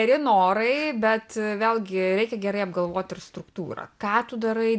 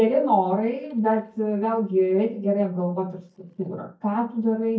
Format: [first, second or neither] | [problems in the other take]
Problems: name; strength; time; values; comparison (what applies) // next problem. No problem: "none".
first | noise reduction (neural mask model DeepFilterNet 3)